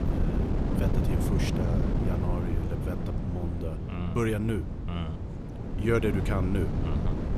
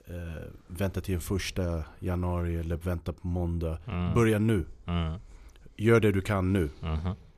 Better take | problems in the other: second | wind noise on the microphone; heavy; 3 dB below the speech

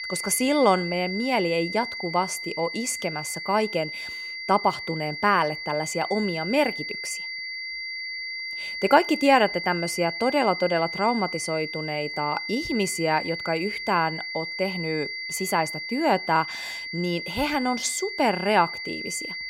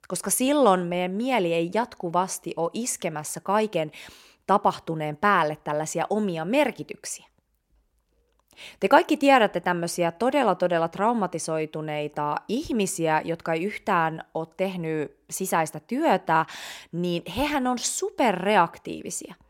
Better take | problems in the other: second | high-pitched whine; loud; throughout; 2 kHz, 6 dB below the speech

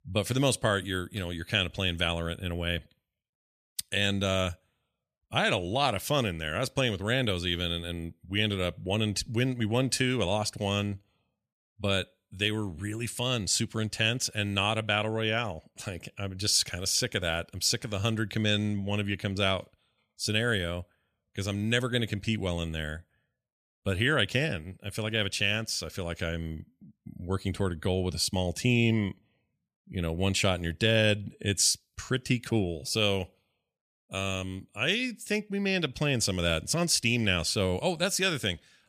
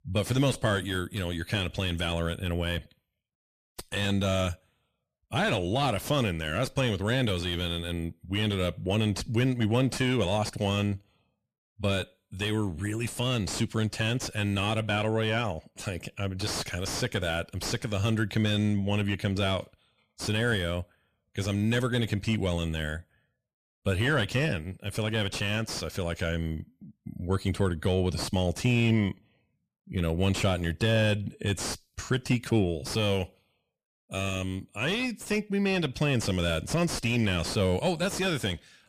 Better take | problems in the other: first | distortion; heavy; 7 dB below the speech

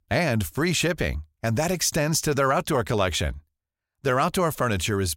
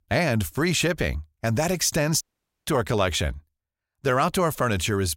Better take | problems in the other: first | audio cutting out; at 2 s

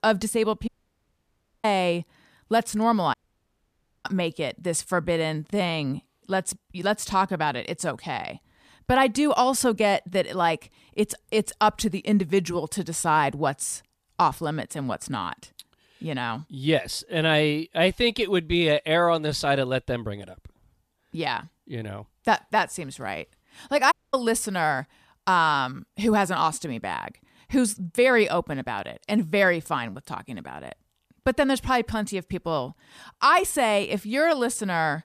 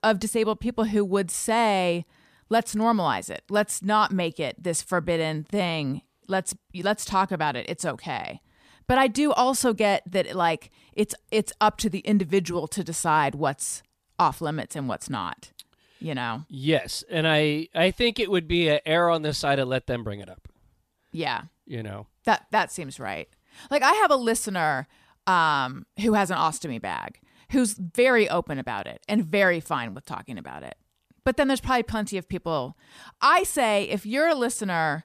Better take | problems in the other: second | audio cutting out; at 0.5 s for 1 s, at 3 s for 1 s and at 24 s

